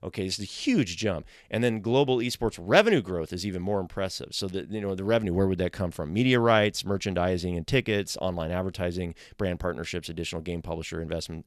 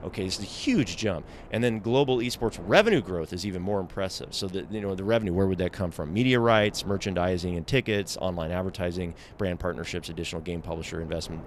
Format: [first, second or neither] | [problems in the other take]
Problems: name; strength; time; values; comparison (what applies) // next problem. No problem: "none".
first | wind noise on the microphone; occasional gusts; 20 dB below the speech